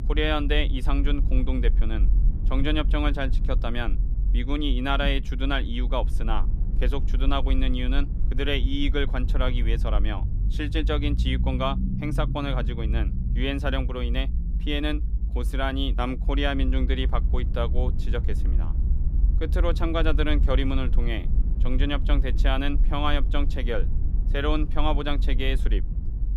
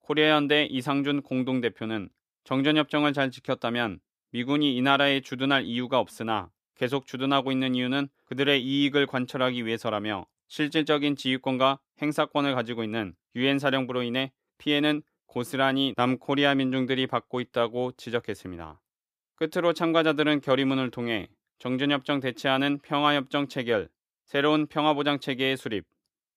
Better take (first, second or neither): second